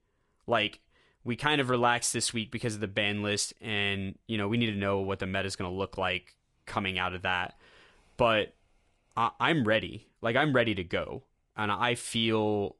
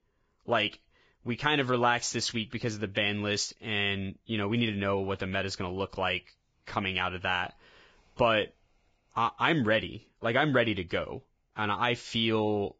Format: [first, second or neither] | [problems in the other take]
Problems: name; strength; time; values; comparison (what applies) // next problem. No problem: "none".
first | garbled, watery; badly; nothing above 7.5 kHz; slightly in the first